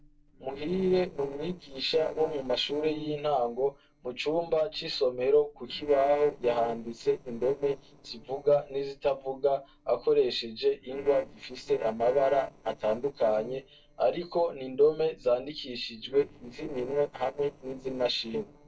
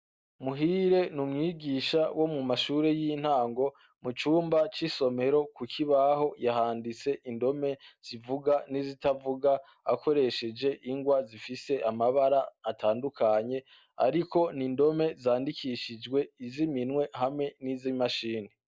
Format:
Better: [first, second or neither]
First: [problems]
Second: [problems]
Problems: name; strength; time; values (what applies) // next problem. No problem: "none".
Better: second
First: noise reduction (neural separator model SepFormer DNS4)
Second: none